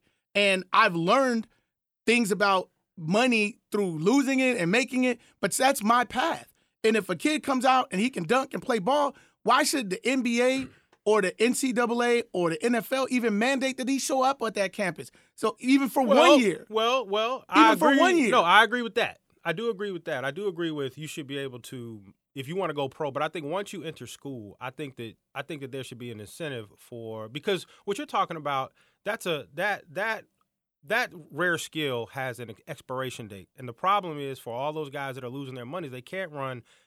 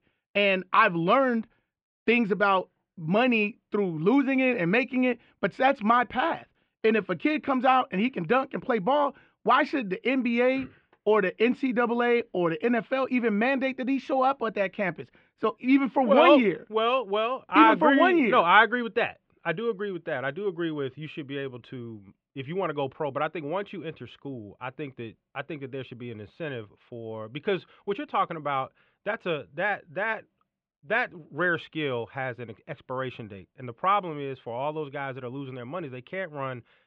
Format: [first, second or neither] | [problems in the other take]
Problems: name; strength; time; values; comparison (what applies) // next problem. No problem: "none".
first | muffled; very; fading above 3 kHz